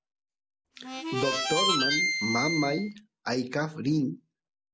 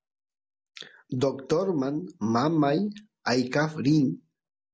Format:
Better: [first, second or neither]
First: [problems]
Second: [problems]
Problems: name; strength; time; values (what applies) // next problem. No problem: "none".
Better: second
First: background sound (Harmonica); 2 dB above the speech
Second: none